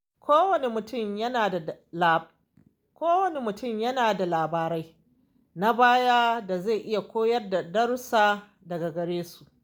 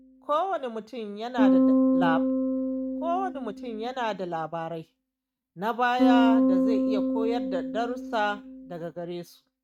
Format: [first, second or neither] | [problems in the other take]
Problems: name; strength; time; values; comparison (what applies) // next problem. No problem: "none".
first | noise reduction (neural mask model RNNoise)